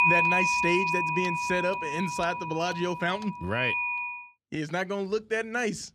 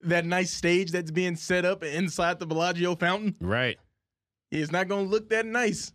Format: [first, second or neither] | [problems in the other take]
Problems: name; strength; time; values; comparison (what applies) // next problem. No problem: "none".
second | household noises; very loud; until 4 s; 2 dB above the speech